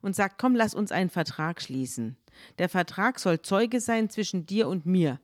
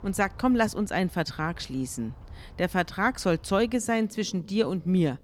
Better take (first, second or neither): first